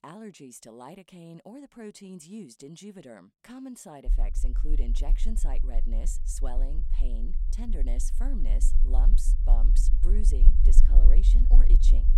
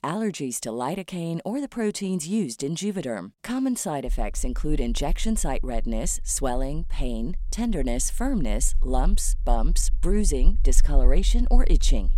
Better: second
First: low rumble; loud; from 4 s on; 7 dB below the speech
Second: low rumble; faint; from 4 s on; 25 dB below the speech

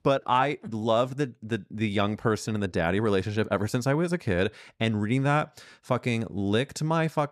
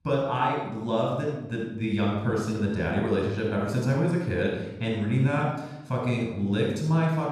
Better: first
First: none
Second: off-mic speech; somewhat distant // room echo; noticeable; dies away in 0.9 s

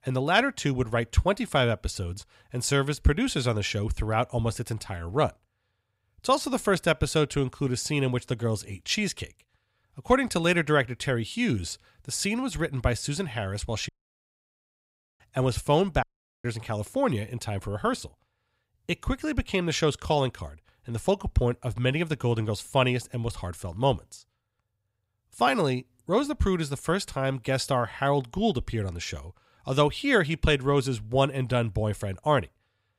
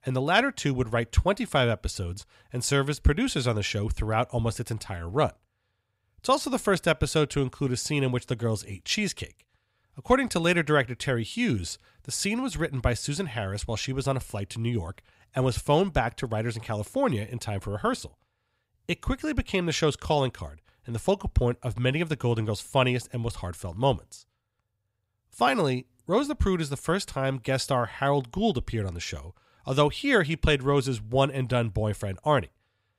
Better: second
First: audio cutting out; at 14 s for 1.5 s and at 16 s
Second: none

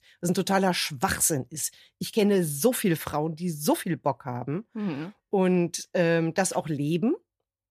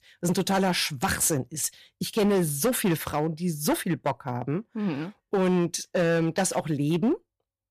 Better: first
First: none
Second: distortion; slight; 8% of the sound clipped

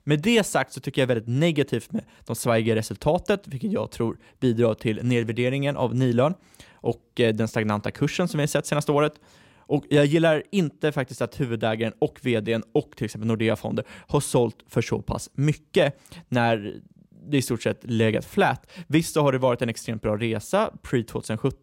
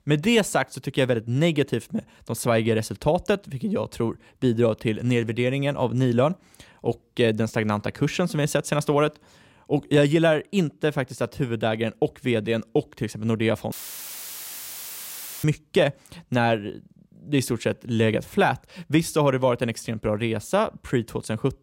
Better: first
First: none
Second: audio cutting out; filled with static; at 14 s for 1.5 s

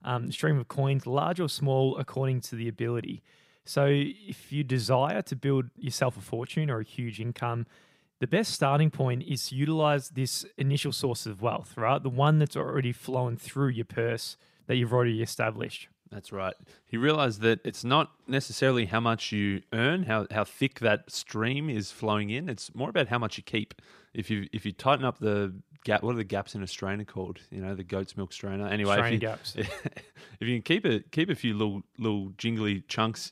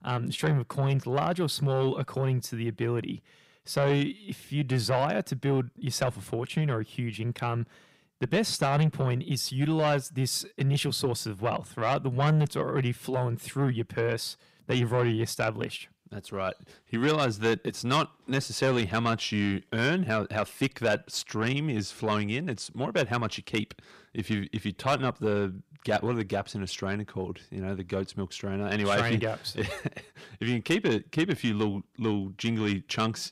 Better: first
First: none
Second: distortion; slight; 10 dB below the speech

